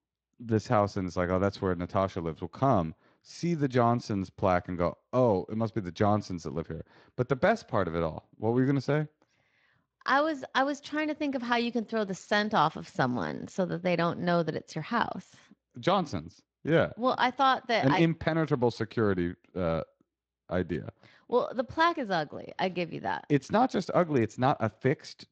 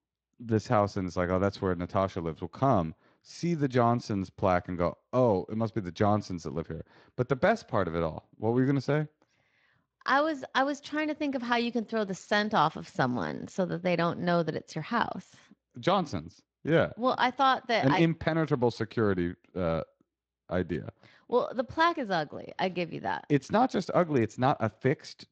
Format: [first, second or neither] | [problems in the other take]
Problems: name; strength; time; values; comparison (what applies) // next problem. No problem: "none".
neither | garbled, watery; slightly; the same in both